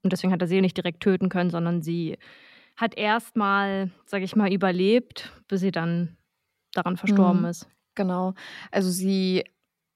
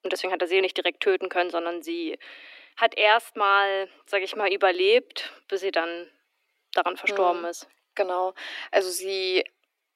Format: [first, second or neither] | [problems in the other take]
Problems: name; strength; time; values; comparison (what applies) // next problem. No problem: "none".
first | thin; very; fading below 300 Hz